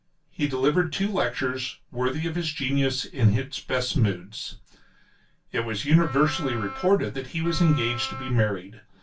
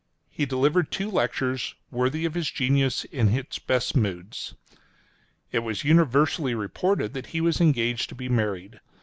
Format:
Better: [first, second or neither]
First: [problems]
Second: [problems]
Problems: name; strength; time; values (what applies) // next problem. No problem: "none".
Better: second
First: background sound (Wind instrument, woodwind instrument); 12 dB below the speech // room echo; dies away in 0.2 s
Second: none